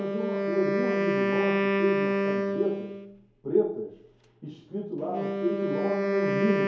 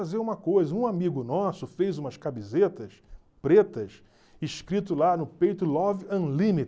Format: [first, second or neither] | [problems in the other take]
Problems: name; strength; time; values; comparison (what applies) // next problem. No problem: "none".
second | background sound (Wind instrument, woodwind instrument); 3 dB above the speech // room echo; dies away in 2.4 s